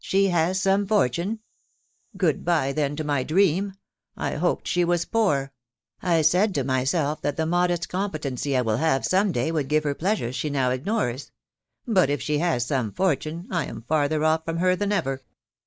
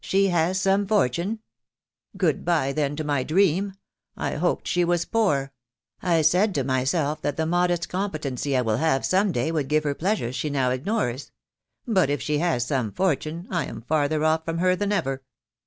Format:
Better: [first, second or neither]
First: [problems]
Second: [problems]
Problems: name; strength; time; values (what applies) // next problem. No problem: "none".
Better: second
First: noise reduction (neural mask model Resemble Enhance denoiser)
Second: none